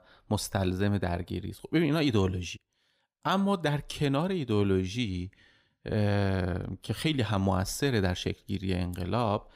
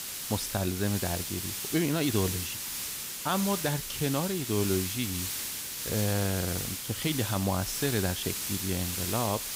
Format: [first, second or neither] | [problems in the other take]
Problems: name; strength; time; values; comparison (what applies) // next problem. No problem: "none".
first | hiss; loud; throughout; 2 dB below the speech